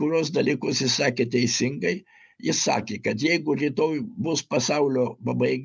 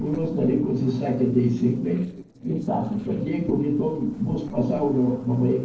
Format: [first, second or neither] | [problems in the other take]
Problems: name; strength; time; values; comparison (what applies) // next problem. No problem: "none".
first | noise reduction (neural separator model SepFormer DNS4)